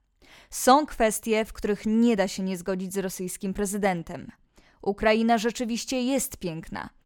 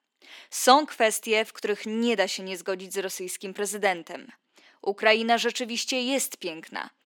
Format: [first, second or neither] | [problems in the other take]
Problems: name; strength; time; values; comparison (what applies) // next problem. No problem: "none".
first | thin; very slightly; fading below 250 Hz